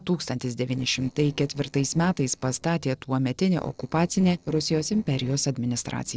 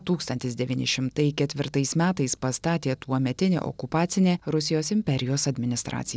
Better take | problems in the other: second | noise reduction (neural separator model SepFormer DNS4)

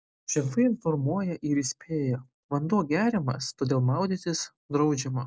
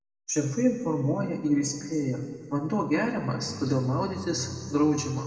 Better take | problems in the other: first | background sound (Bowed string instrument); 17 dB below the speech // room echo; dies away in 1.9 s

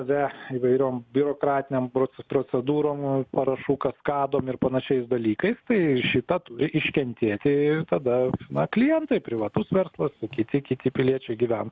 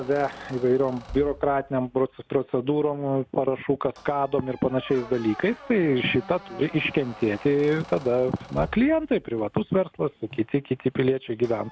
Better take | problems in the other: first | background sound (Squeak); 20 dB below the speech

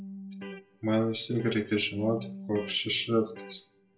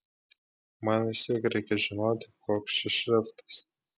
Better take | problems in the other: second | background sound (Electric guitar); 13 dB below the speech // room echo; dies away in 0.3 s

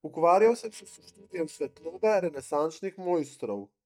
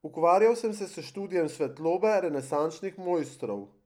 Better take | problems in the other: second | noise reduction (neural mask model DeepFilterNet 3)

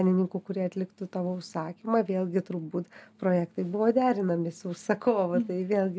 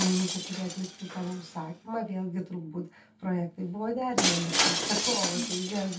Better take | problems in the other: first | background sound (Shatter); as loud as the speech // room echo; dies away in 0.2 s

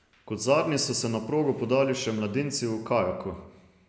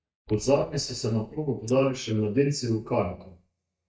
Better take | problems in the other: first | noise reduction (neural mask model DeepFilterNet 3)

